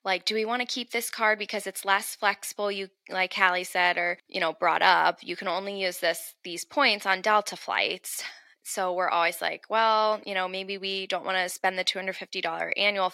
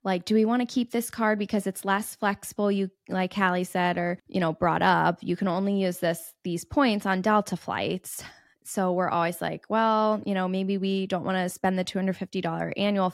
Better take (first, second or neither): second